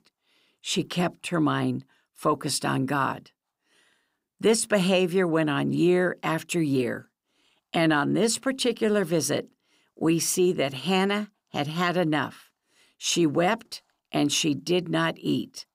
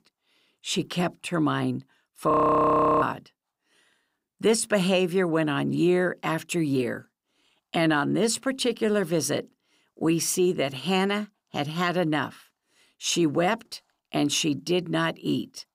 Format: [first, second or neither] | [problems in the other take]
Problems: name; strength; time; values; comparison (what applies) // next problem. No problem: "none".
first | audio freezing; at 2.5 s for 0.5 s